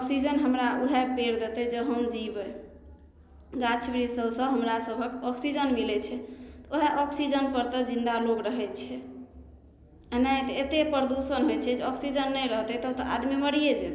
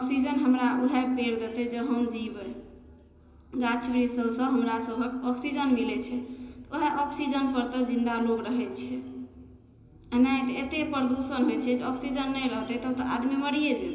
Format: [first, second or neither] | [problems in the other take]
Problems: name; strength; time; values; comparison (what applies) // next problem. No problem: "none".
first | room echo; dies away in 2.7 s